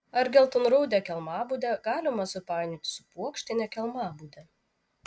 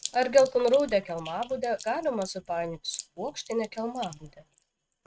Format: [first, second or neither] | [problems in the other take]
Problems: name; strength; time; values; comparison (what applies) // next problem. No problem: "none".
first | noise reduction (neural mask model RNNoise)